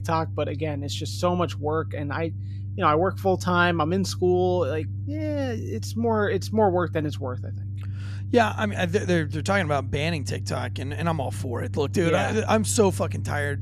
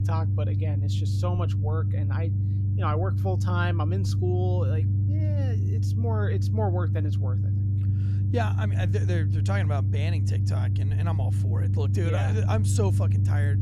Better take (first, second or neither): first